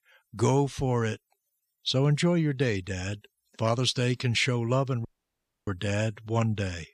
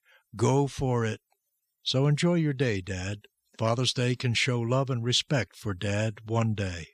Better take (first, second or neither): second